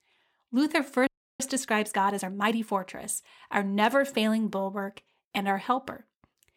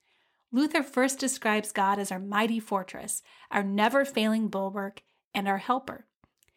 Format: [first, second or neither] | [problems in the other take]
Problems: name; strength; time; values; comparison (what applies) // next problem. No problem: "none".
second | audio freezing; at 1 s